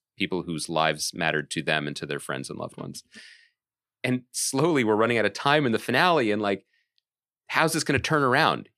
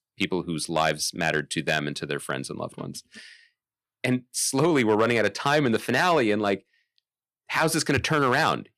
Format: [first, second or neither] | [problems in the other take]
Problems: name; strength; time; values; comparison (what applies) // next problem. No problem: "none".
first | distortion; slight; 1.6% of the sound clipped